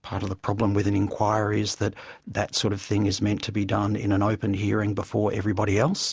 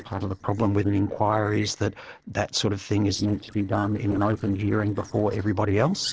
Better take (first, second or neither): first